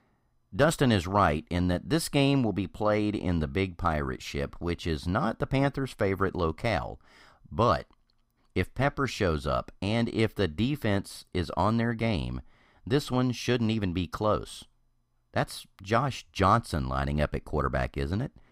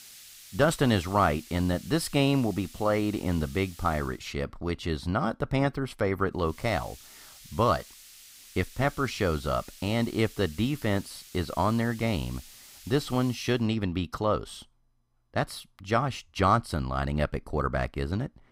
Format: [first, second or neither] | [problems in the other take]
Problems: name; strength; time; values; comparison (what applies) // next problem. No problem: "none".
first | hiss; noticeable; until 4 s and from 6.5 to 14 s; 20 dB below the speech